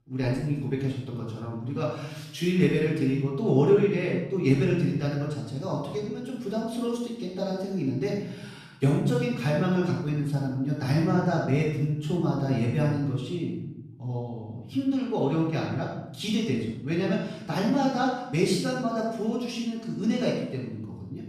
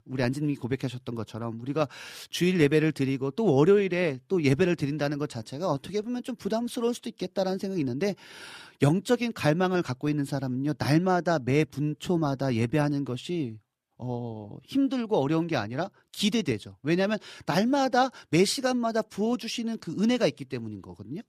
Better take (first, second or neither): second